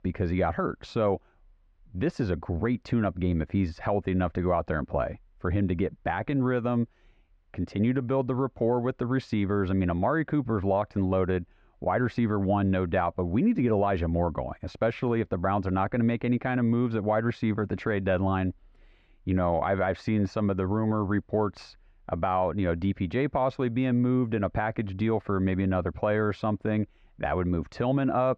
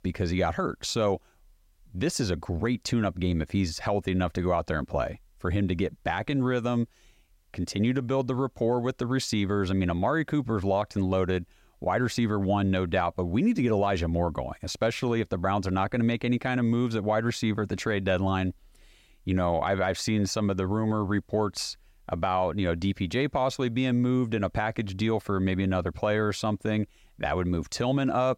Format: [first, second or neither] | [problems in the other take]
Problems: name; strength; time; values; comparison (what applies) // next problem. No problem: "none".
second | muffled; very; fading above 2 kHz